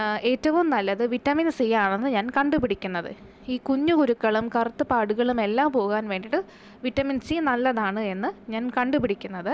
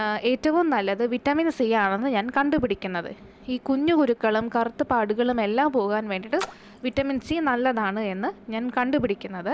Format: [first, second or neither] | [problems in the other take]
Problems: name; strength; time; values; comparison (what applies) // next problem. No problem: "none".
first | background sound (Splash, splatter); 17 dB below the speech